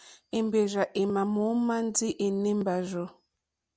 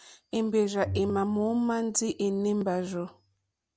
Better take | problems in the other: first | background sound (Bowed string instrument); 14 dB below the speech

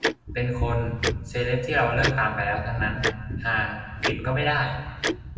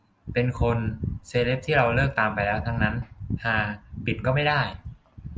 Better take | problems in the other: second | background sound (Tick-tock); 7 dB below the speech // room echo; dies away in 1.2 s

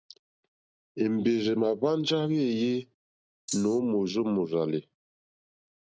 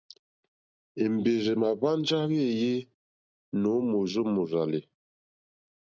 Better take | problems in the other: second | background sound (Rattle (instrument)); 8 dB below the speech

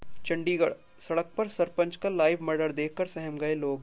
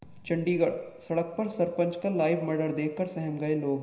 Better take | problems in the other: first | room echo; dies away in 0.7 s

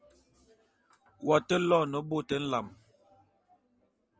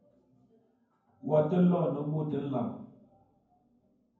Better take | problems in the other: first | room echo; dies away in 0.9 s

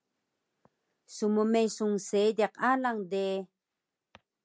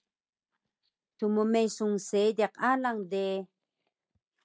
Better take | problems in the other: first | noise reduction (neural mask model DeepFilterNet 3)

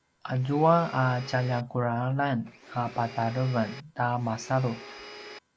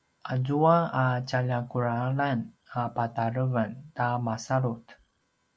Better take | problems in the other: second | background sound (Domestic sounds, home sounds); 17 dB below the speech

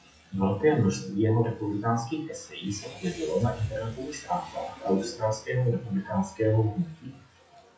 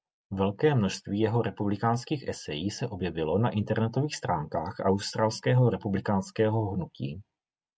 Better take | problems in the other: second | noise reduction (classical method WPE with log-MMSE)

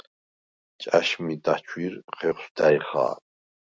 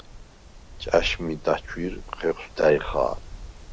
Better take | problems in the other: first | background sound (Wind); 12 dB below the speech

